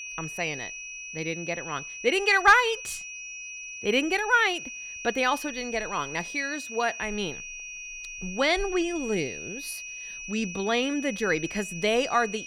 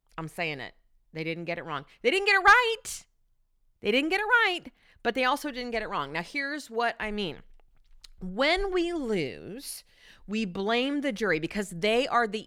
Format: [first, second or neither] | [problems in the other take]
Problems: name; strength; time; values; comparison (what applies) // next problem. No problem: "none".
second | high-pitched whine; noticeable; throughout; 2.5 kHz, 10 dB below the speech